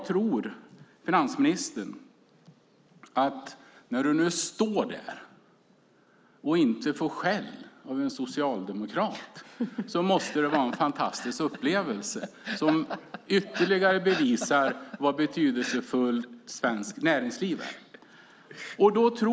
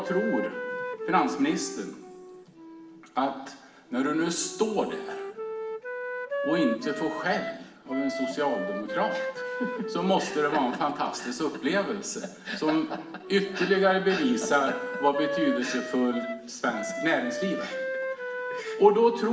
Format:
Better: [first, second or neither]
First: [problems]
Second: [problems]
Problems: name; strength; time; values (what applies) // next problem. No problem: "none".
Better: first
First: none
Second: background sound (Wind instrument, woodwind instrument); 7 dB below the speech // room echo; dies away in 1.4 s